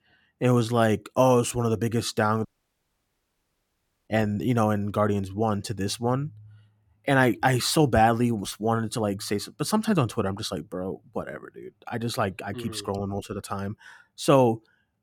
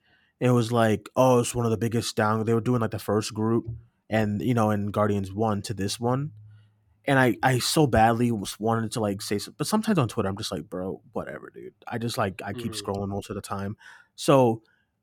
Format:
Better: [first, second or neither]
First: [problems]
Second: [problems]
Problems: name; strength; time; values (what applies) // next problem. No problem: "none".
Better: second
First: audio cutting out; at 2.5 s for 1.5 s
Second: none